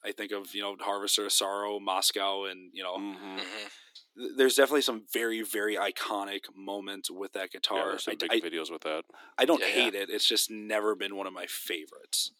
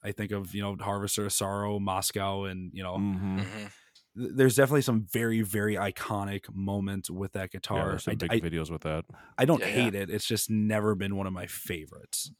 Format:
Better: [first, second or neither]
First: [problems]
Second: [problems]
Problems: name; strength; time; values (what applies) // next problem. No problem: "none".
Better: second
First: thin; somewhat; fading below 300 Hz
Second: none